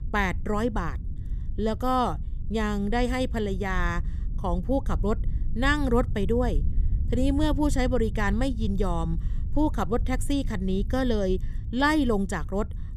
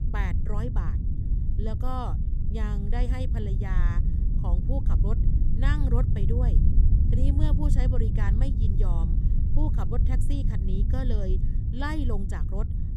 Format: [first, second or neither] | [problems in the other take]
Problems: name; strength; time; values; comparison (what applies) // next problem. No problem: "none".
first | low rumble; loud; throughout; 4 dB below the speech; faint in the first